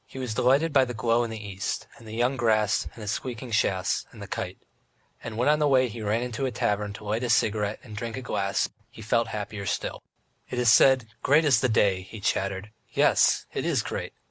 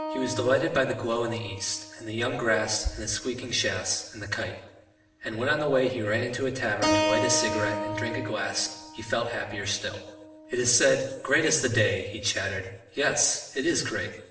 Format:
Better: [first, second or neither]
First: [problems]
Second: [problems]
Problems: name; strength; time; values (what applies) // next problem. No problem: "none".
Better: first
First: none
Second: background sound (Keyboard (musical)); 8 dB below the speech // room echo; dies away in 0.9 s